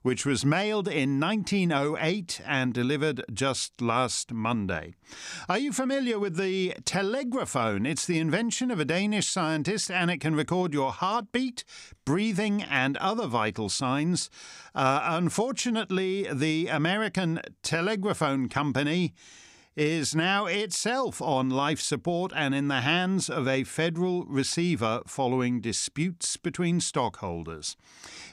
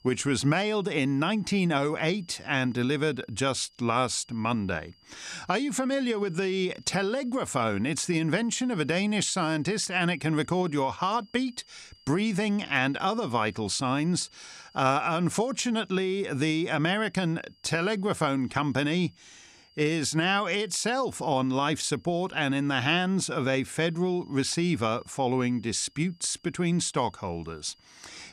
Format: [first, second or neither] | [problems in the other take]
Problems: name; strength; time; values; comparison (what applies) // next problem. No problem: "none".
first | high-pitched whine; faint; throughout; 5 kHz, 30 dB below the speech